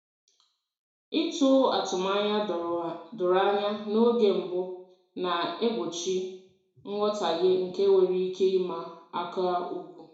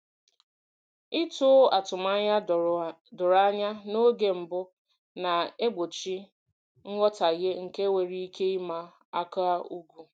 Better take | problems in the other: second | room echo; dies away in 0.6 s

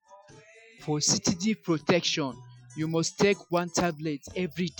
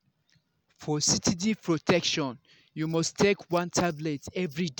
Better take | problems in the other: second | noise reduction (classical method Wiener filter)

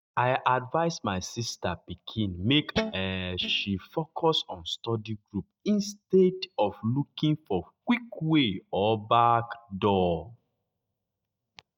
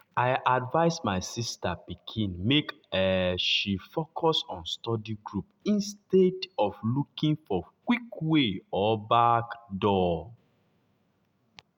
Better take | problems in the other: second | noise reduction (neural mask model DeepFilterNet 3)

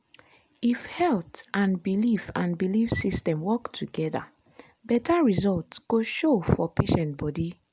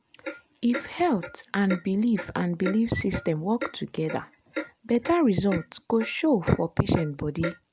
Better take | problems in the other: first | background sound (Clock); 12 dB below the speech

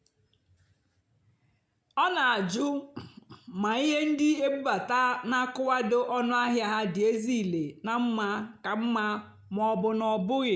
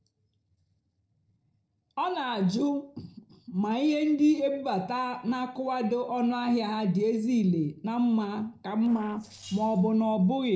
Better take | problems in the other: first | noise reduction (neural separator model SepFormer DNS4)

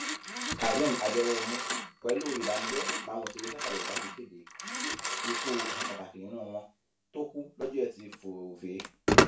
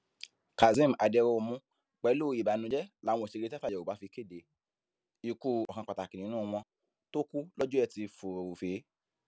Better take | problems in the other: second | background sound (Telephone); 3 dB above the speech // room echo; dies away in 0.2 s

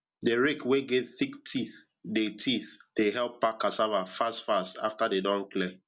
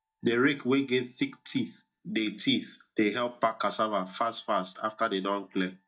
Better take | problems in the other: first | noise reduction (neural mask model DeepFilterNet 3)

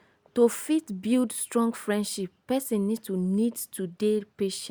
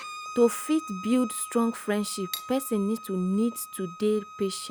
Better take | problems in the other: first | background sound (Bowed string instrument + Cutlery, silverware); 13 dB below the speech

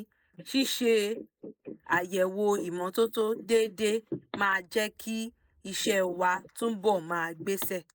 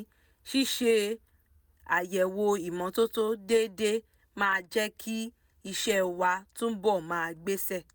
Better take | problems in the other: second | noise reduction (neural mask model Resemble Enhance denoiser)

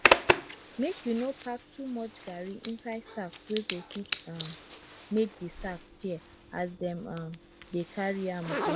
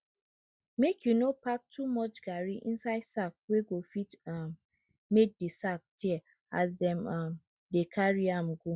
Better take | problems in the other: second | background sound (Zipper (clothing)); 2 dB above the speech

